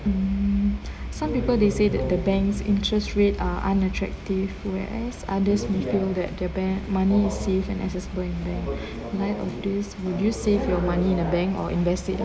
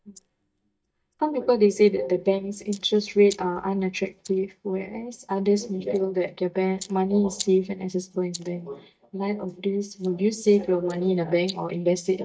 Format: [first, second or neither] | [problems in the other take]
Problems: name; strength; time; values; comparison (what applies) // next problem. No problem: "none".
first | noise reduction (neural mask model DeepFilterNet 3)